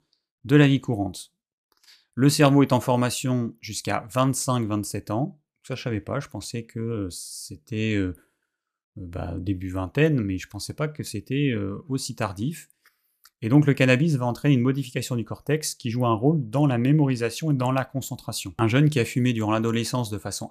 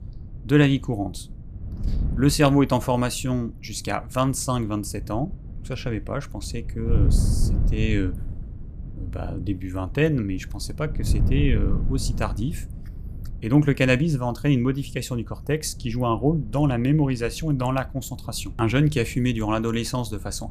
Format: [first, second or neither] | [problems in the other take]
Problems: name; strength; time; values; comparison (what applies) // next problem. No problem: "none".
first | wind noise on the microphone; occasional gusts; 20 dB below the speech